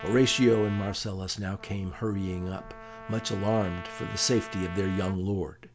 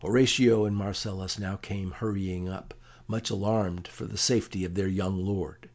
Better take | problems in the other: second | background sound (Trumpet); 15 dB below the speech

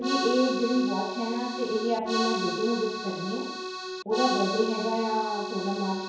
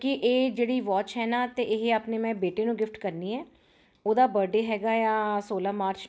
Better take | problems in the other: second | background sound (Accordion); 4 dB below the speech // room echo; dies away in 1 s

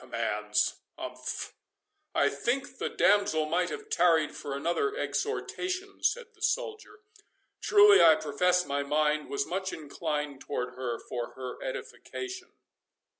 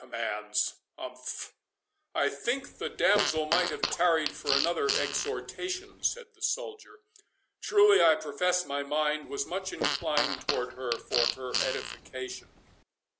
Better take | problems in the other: first | background sound (Fart); 3 dB below the speech

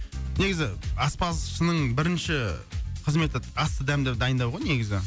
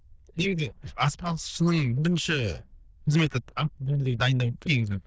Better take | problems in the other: first | noise reduction (neural diffusion model UNIVERSE++)

